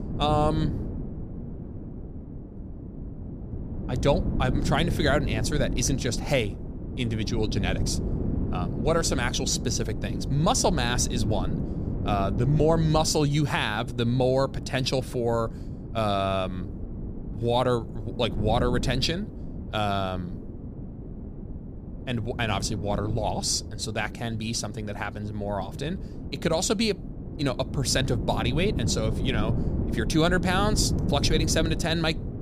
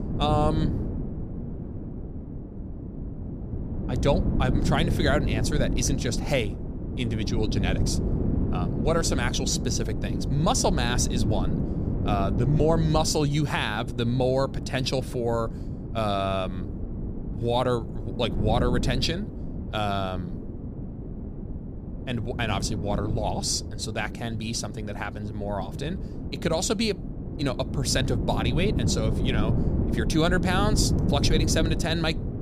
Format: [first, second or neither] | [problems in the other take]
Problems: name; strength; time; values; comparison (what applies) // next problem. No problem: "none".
first | wind noise on the microphone; heavy; 9 dB below the speech; occasional gusts in the first